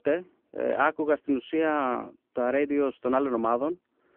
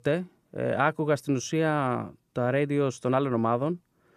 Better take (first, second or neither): second